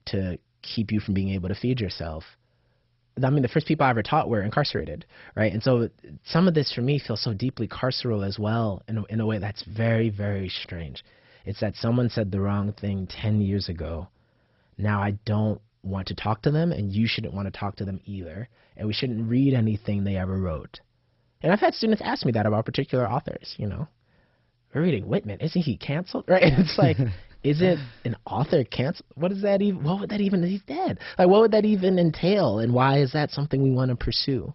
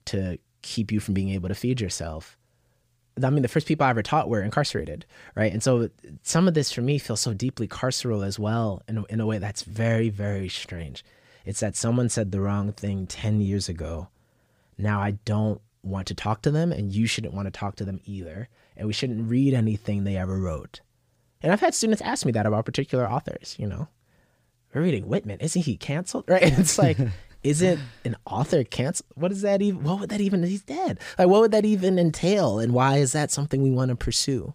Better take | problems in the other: second | garbled, watery; badly; nothing above 5.5 kHz

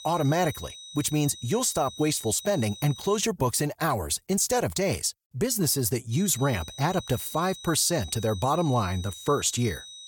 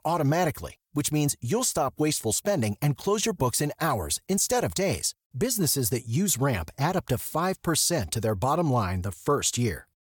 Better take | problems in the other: second | high-pitched whine; noticeable; until 3 s and from 6 s on; 4 kHz, 15 dB below the speech

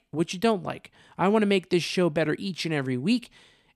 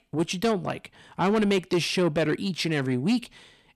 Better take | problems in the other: first | distortion; slight; 10 dB below the speech

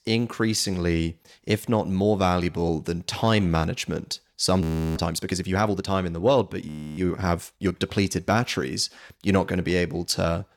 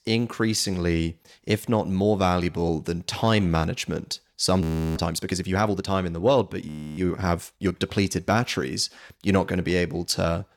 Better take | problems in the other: neither | audio freezing; at 4.5 s and at 6.5 s; the same in both

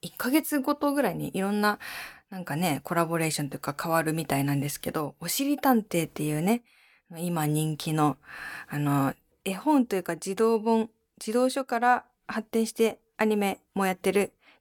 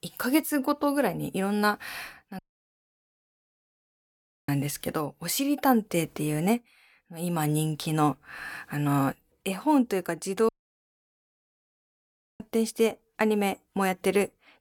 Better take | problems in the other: first | audio cutting out; at 2.5 s for 2 s and at 10 s for 2 s

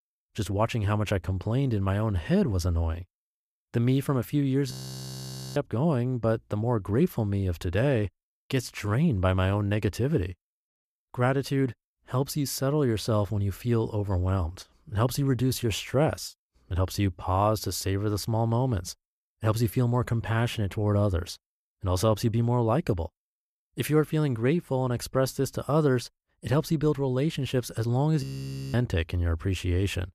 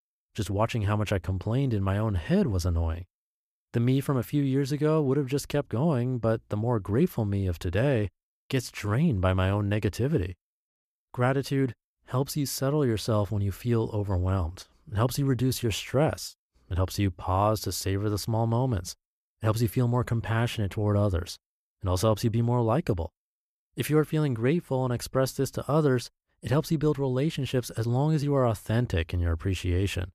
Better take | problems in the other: second | audio freezing; at 4.5 s for 1 s and at 28 s for 0.5 s

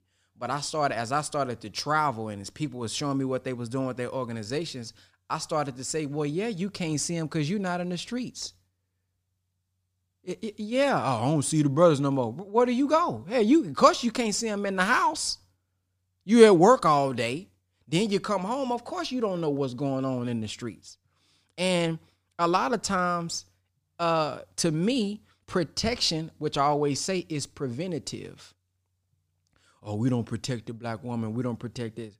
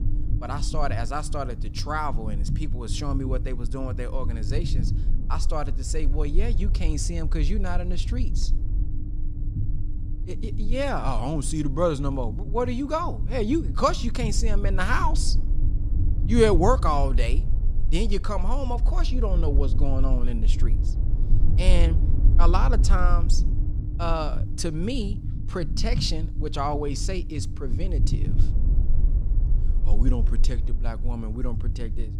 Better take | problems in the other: first | low rumble; noticeable; throughout; 15 dB below the speech

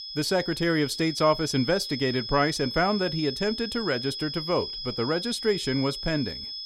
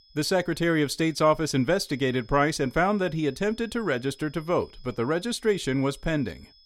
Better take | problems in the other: second | high-pitched whine; loud; throughout; 5 kHz, 6 dB below the speech; faint in the second

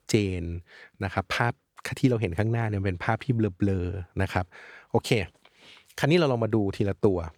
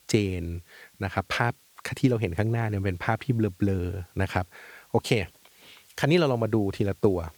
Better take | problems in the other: first | hiss; faint; throughout; 30 dB below the speech

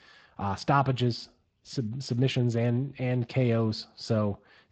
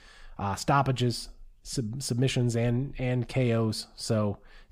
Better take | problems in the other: second | garbled, watery; slightly; nothing above 8 kHz

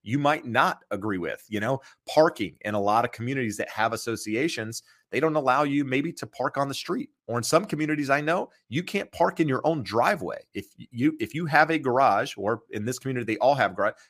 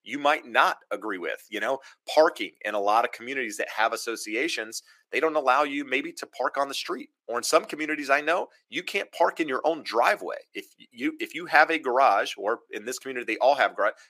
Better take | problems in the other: first | thin; somewhat; fading below 350 Hz

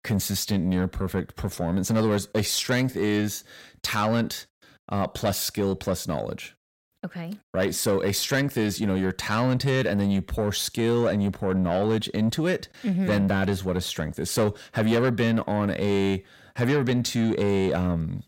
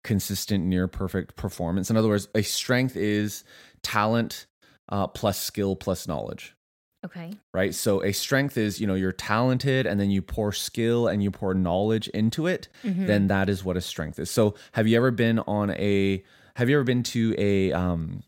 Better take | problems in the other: second | distortion; slight; 10 dB below the speech

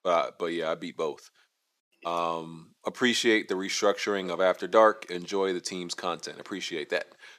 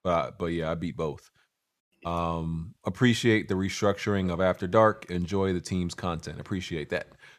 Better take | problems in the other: second | thin; somewhat; fading below 300 Hz

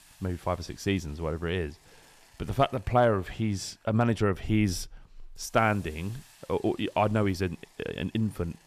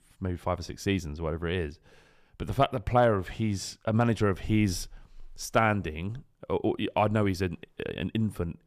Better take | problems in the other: second | hiss; faint; throughout; 25 dB below the speech

